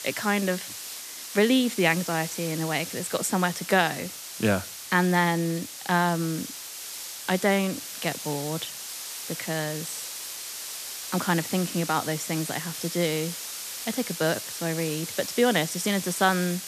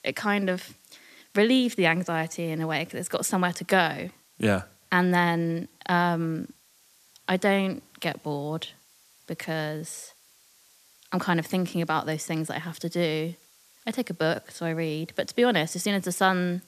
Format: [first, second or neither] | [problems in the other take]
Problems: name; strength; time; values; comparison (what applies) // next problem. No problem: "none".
second | hiss; loud; throughout; 8 dB below the speech; faint in the second